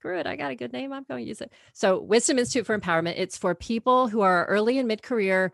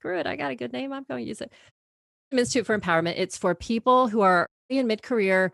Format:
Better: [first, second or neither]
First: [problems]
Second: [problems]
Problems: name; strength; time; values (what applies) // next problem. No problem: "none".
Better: first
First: none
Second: audio cutting out; at 1.5 s for 0.5 s and at 4.5 s